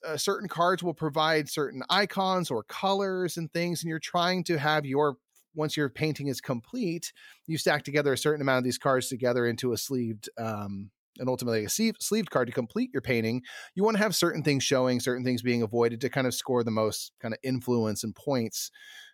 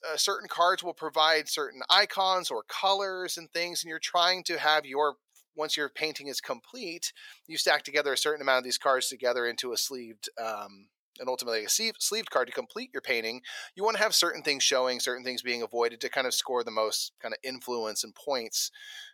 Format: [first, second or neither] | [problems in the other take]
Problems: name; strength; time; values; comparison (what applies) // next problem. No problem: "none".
first | thin; very; fading below 650 Hz